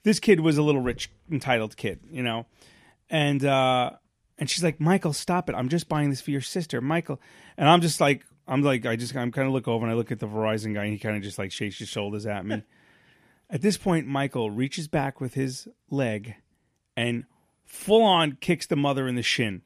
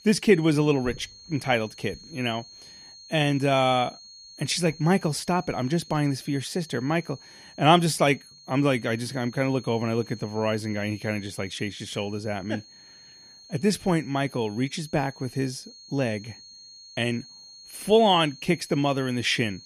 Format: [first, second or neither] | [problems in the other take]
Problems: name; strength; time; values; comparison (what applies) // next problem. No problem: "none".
first | high-pitched whine; noticeable; throughout; 4.5 kHz, 20 dB below the speech